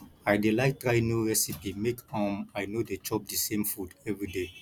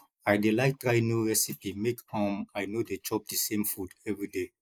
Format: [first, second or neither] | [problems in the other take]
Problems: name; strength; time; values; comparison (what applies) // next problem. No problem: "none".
first | noise reduction (neural mask model Resemble Enhance denoiser)